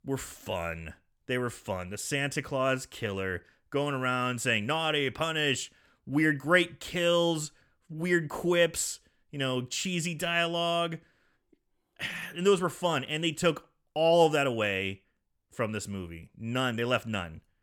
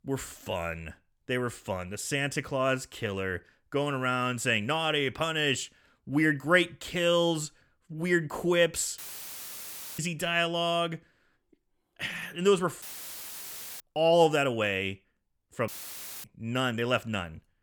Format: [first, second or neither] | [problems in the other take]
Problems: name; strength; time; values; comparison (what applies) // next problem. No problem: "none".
first | audio cutting out; filled with static; at 9 s for 1 s, at 13 s for 1 s and at 16 s for 0.5 s